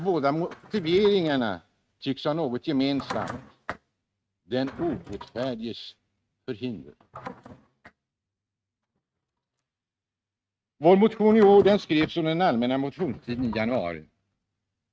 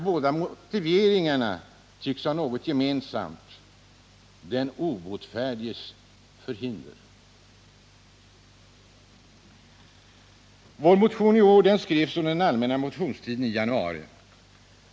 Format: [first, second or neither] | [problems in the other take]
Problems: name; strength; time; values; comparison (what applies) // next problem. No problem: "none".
second | noise reduction (neural mask model RNNoise)